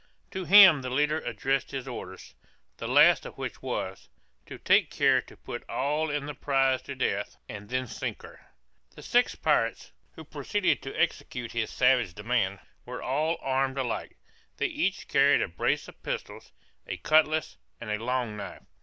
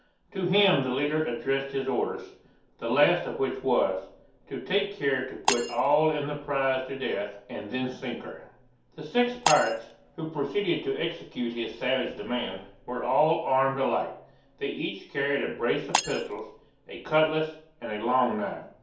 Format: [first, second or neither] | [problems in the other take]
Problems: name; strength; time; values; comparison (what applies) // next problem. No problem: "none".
first | background sound (Shatter); 9 dB below the speech // room echo; dies away in 0.6 s